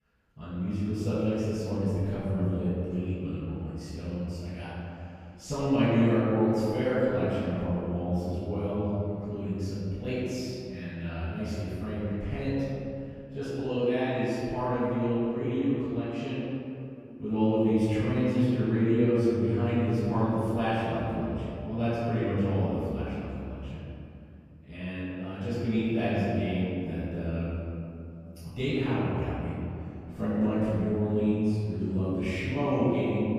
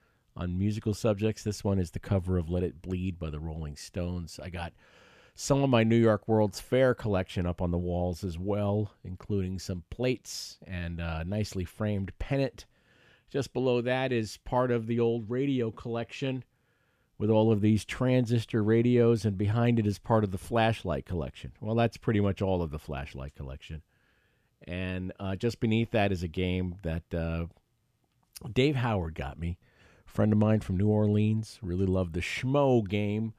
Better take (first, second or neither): second